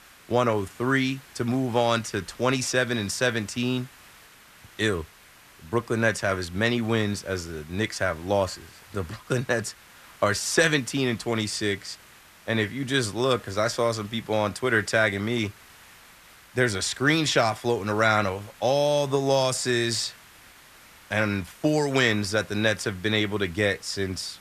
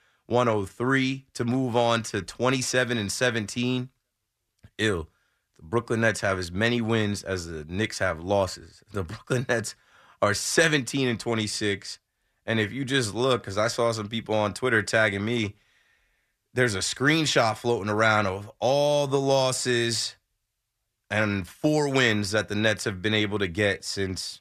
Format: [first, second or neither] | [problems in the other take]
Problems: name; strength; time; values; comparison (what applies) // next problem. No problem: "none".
second | hiss; faint; throughout; 25 dB below the speech